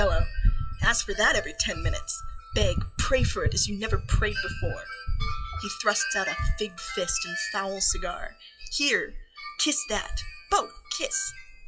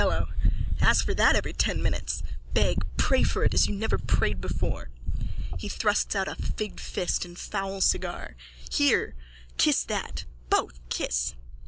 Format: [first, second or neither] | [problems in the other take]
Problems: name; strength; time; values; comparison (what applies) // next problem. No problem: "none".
second | noise reduction (classical method WPE with log-MMSE)